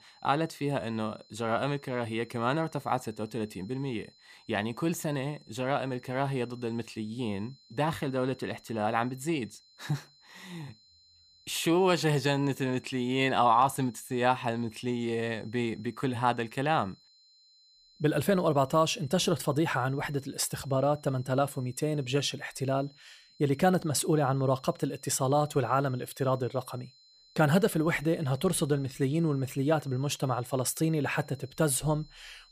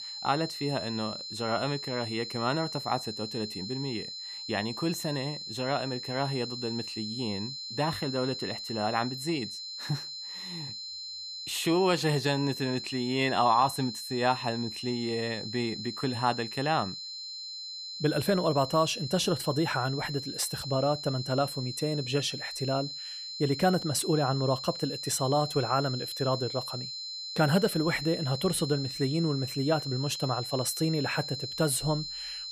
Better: first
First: high-pitched whine; faint; throughout; 4 kHz, 30 dB below the speech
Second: high-pitched whine; loud; throughout; 4 kHz, 6 dB below the speech

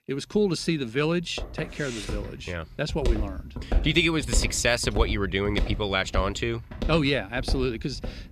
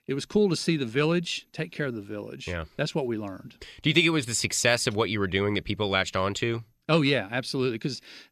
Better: second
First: footsteps; noticeable; from 1.5 s on; peak 3 dB below the speech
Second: none

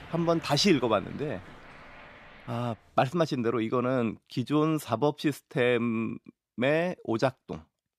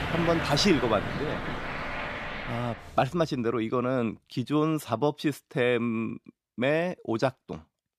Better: first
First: traffic noise; faint; until 2.5 s; 20 dB below the speech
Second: traffic noise; loud; until 2.5 s; 5 dB below the speech

